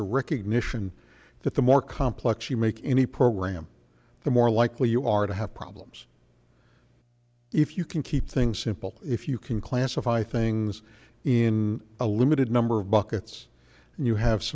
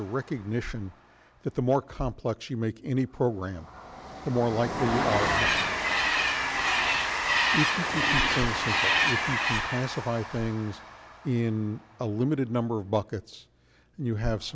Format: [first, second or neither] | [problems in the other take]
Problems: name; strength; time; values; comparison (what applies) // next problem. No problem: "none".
first | background sound (Train); as loud as the speech